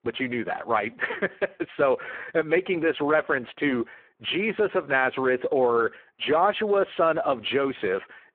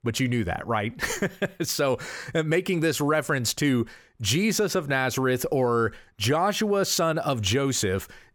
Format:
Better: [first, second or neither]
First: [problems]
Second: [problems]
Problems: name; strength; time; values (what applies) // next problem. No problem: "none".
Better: second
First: phone-call audio; poor line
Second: none